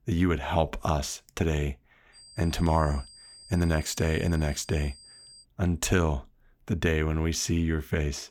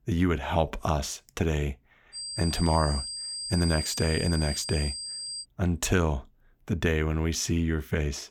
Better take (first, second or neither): first